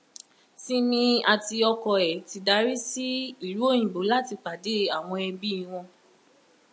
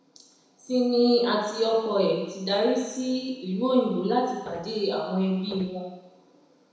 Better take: first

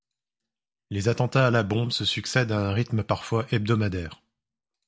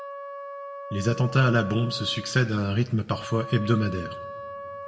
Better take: first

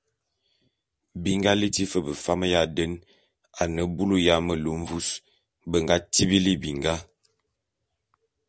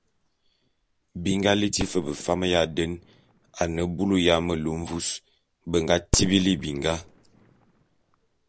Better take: first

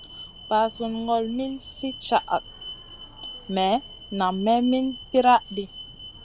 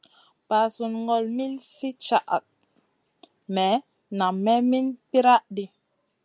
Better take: second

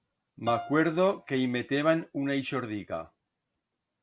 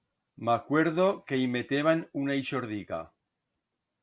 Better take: second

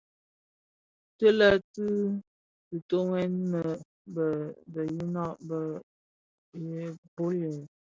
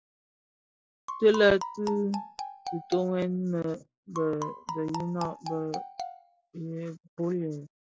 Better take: first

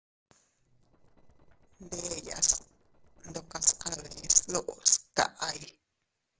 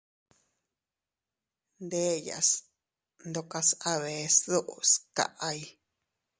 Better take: second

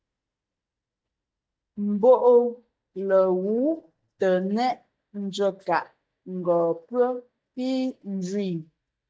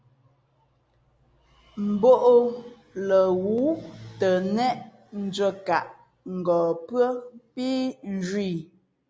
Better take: second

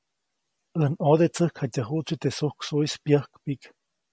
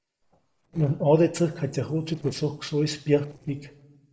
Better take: first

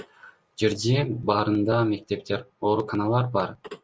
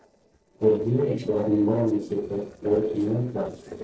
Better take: first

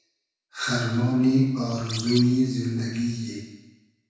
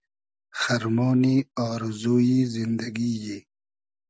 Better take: second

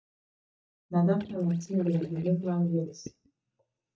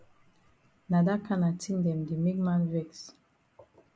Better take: second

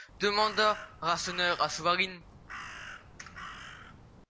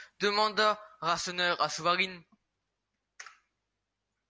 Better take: second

